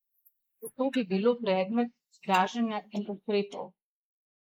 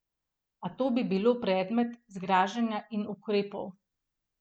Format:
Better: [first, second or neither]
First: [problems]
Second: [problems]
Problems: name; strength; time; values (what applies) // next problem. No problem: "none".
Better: second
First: noise reduction (neural mask model Resemble Enhance denoiser)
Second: none